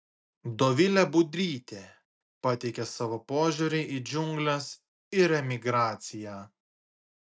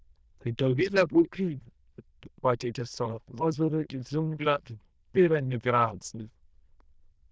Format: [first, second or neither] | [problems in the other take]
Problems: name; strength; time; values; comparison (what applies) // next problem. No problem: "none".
first | noise reduction (neural diffusion model UNIVERSE++)